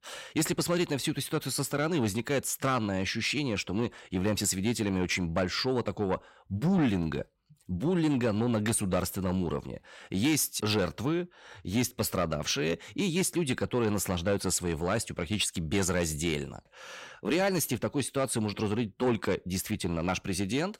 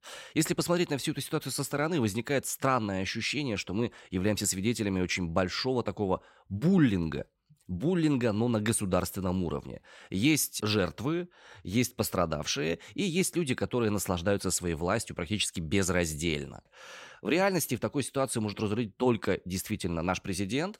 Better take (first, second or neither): second